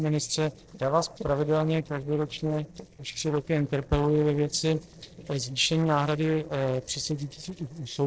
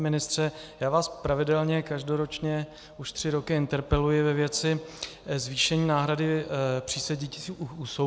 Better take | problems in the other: second | noise reduction (neural separator model SepFormer DNS4)

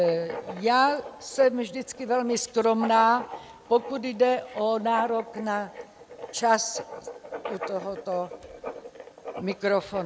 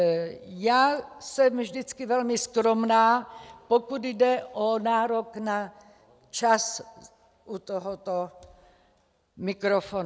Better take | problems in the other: second | background sound (Writing); 13 dB below the speech

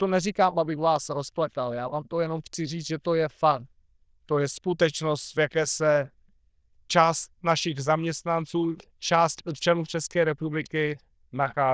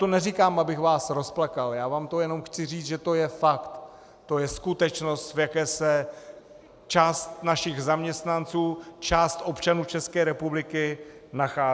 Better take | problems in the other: second | noise reduction (neural diffusion model UNIVERSE++)

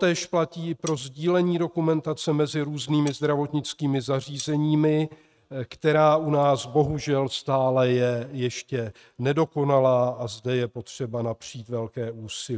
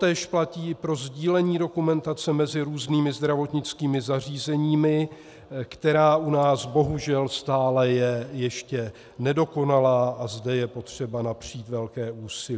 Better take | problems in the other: second | noise reduction (neural mask model RNNoise)

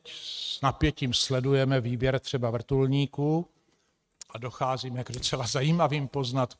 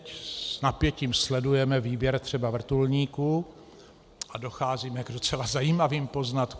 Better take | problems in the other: second | noise reduction (neural mask model RNNoise)

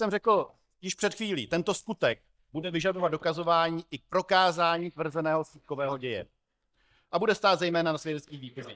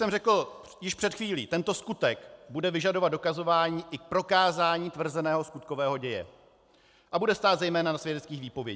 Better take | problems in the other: second | noise reduction (neural mask model DeepFilterNet 3)

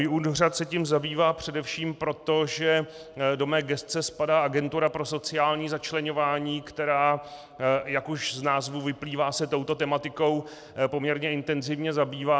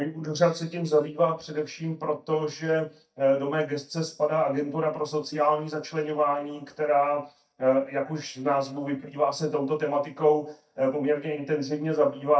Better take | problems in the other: first | noise reduction (neural mask model DeepFilterNet 3)

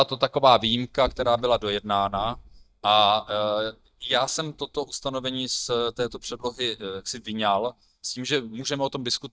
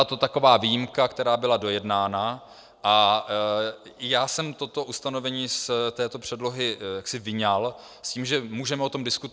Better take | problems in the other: second | noise reduction (neural mask model DeepFilterNet 3)

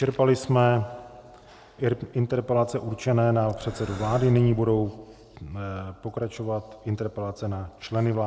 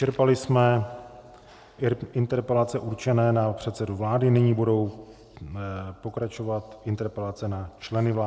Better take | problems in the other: second | background sound (Breathing); 15 dB below the speech

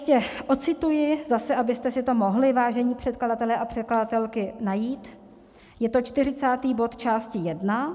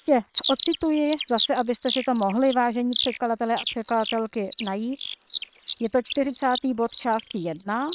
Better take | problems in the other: first | noise reduction (neural separator model SepFormer WHAM!)

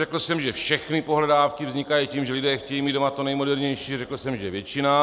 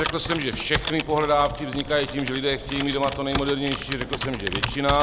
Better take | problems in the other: first | background sound (Computer keyboard); 6 dB below the speech

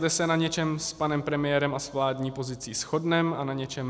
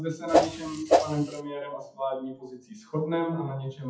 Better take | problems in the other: first | noise reduction (classical method WPE with log-MMSE)

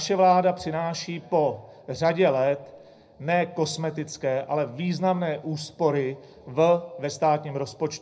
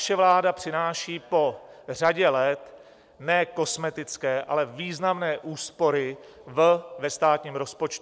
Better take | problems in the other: second | room echo; dies away in 0.4 s

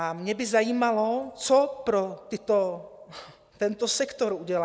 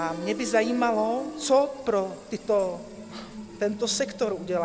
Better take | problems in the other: first | background sound (Fill (with liquid)); 11 dB below the speech

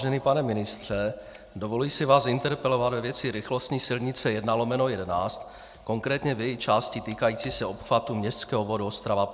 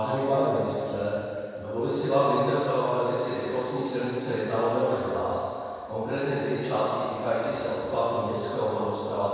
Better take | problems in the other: first | room echo; dies away in 2.2 s

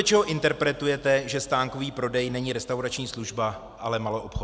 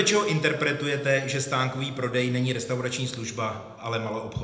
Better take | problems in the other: first | room echo; dies away in 0.8 s

